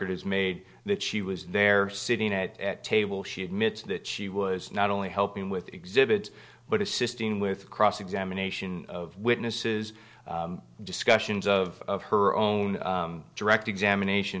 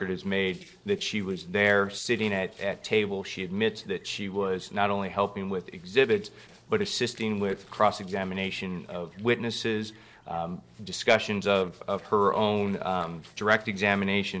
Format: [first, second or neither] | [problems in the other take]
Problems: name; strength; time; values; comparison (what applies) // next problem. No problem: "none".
first | noise reduction (neural separator model SepFormer DNS4)